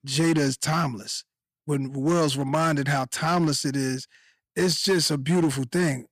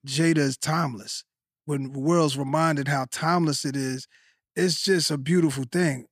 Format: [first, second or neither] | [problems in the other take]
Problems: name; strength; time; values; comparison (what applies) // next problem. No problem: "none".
second | distortion; slight; 7% of the sound clipped